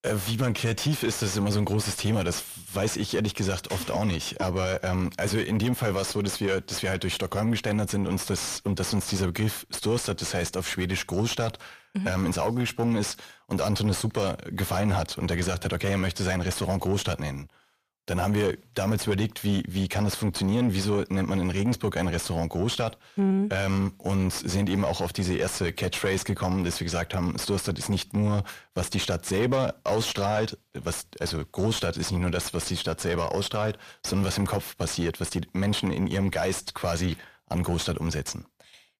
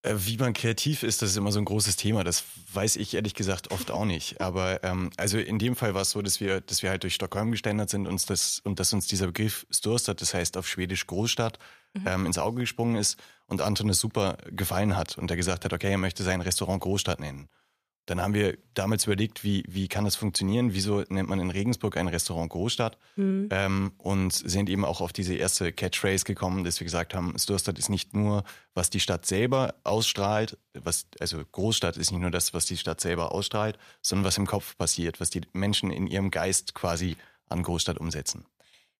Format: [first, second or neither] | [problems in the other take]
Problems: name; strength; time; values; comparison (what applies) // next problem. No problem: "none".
second | distortion; heavy; 7 dB below the speech